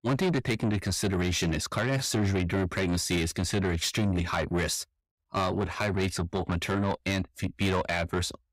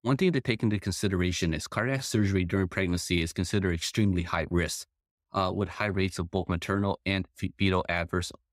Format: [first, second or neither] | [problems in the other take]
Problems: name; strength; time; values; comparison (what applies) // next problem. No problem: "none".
second | distortion; heavy; 7 dB below the speech